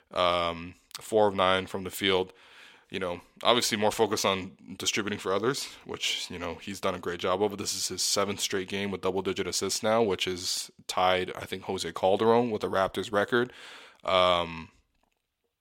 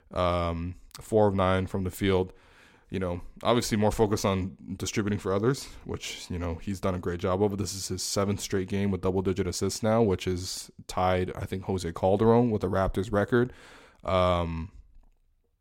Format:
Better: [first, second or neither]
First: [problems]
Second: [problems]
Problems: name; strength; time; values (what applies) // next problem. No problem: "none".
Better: second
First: thin; somewhat; fading below 550 Hz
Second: none